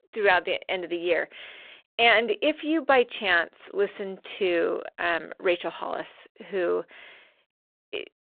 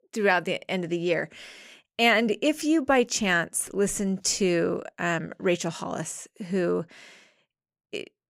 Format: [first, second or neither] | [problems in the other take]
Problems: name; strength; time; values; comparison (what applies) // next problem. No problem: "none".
second | phone-call audio